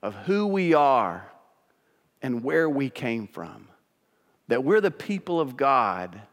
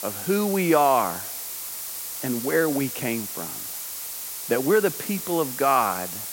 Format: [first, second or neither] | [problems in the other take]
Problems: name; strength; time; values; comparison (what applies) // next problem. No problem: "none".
first | hiss; loud; throughout; 7 dB below the speech